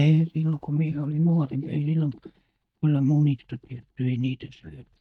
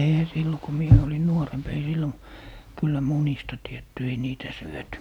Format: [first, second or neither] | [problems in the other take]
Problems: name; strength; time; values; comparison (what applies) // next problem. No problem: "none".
second | noise reduction (neural mask model DeepFilterNet 3)